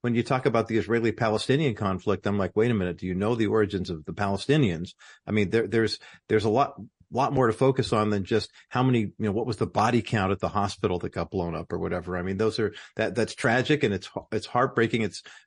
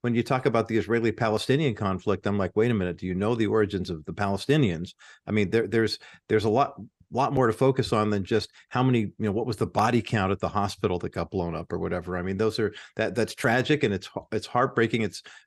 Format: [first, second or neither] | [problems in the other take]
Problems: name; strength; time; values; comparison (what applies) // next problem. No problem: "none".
second | garbled, watery; slightly; nothing above 10.5 kHz